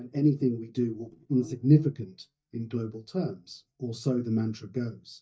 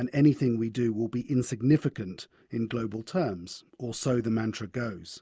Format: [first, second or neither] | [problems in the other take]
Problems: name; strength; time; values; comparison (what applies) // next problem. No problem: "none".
second | noise reduction (neural mask model DeepFilterNet 3)